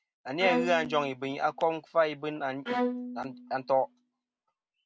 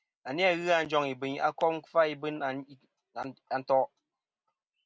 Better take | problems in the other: second | background sound (Bowed string instrument); 6 dB below the speech

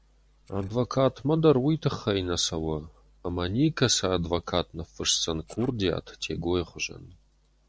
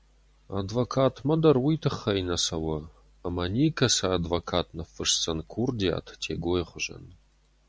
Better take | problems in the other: second | noise reduction (neural separator model SepFormer DNS4)

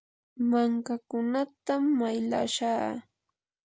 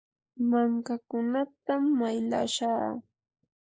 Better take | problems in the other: first | noise reduction (neural mask model Resemble Enhance denoiser)

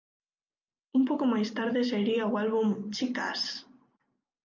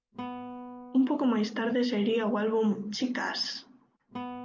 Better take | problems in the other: first | background sound (Guitar); 15 dB below the speech

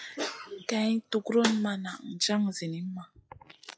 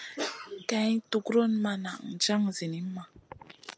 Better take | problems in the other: second | noise reduction (classical method log-MMSE)

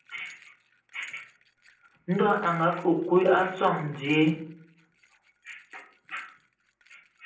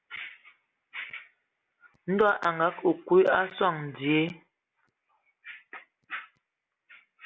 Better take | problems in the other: second | noise reduction (neural separator model SepFormer DNS4)

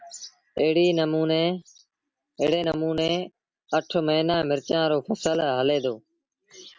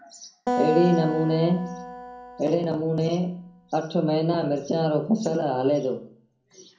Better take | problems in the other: first | background sound (Acoustic guitar); 7 dB below the speech // room echo; dies away in 0.6 s

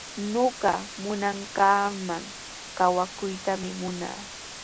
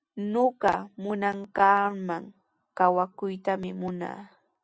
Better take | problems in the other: second | background sound (Water); 13 dB below the speech

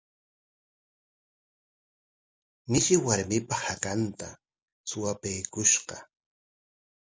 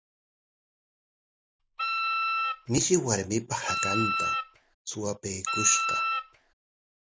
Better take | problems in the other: first | background sound (Wind instrument, woodwind instrument); 2 dB above the speech

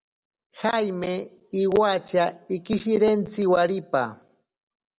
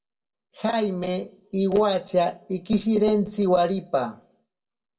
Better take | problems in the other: first | room echo; dies away in 0.2 s

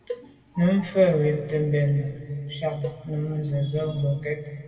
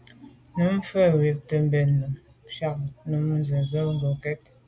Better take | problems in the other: second | background sound (Cowbell); 16 dB below the speech // room echo; dies away in 2 s

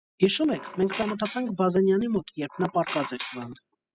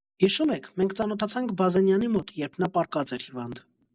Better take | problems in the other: second | noise reduction (classical method spectral subtraction)

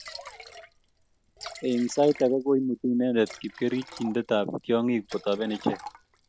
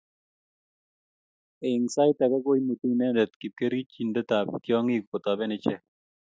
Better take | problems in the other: second | background sound (Liquid); 18 dB below the speech

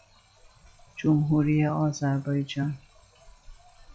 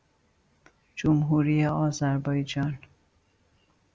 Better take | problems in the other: second | noise reduction (classical method log-MMSE)

